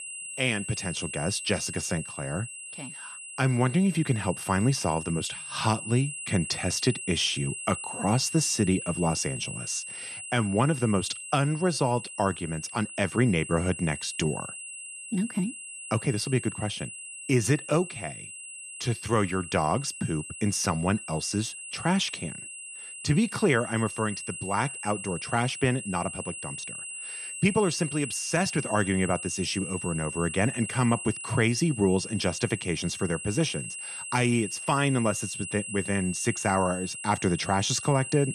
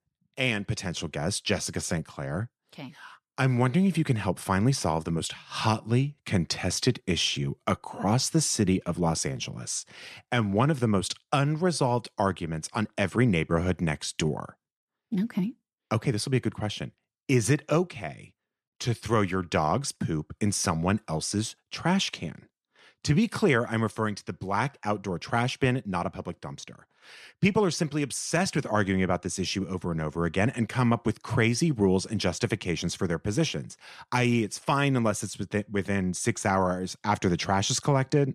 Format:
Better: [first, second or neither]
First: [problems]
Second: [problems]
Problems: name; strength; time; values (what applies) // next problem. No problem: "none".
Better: second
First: high-pitched whine; loud; throughout; 3 kHz, 8 dB below the speech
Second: none